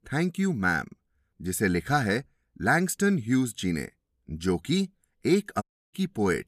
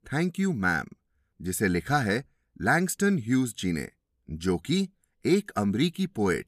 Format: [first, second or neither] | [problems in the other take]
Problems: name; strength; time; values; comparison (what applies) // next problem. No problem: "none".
second | audio cutting out; at 5.5 s